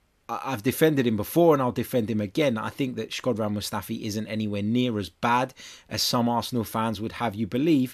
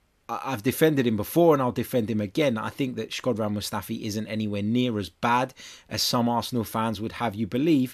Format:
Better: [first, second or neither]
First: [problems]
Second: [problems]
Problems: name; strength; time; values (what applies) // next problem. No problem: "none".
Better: neither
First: none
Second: none